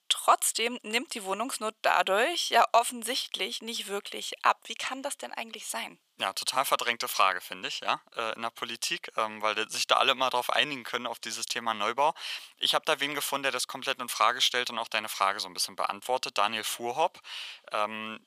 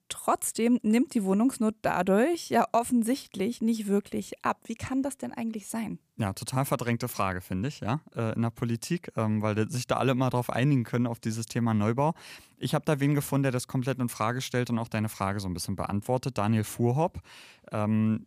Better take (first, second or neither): second